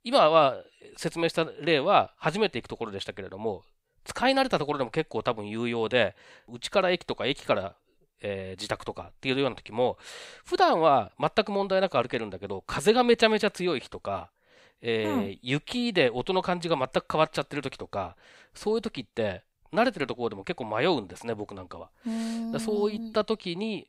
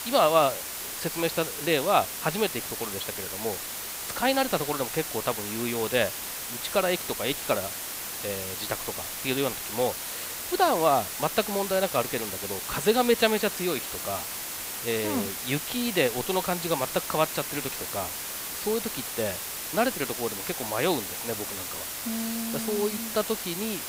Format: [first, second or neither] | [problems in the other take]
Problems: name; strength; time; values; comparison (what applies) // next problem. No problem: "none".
first | hiss; loud; throughout; 4 dB below the speech